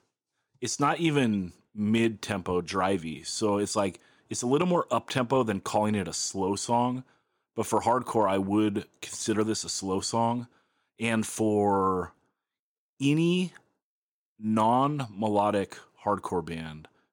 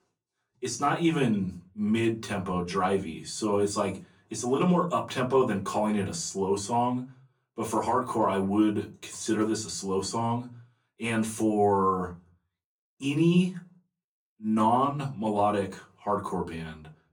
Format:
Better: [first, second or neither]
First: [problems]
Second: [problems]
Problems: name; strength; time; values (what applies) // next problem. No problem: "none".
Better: first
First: none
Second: off-mic speech; far // room echo; very slight; dies away in 0.3 s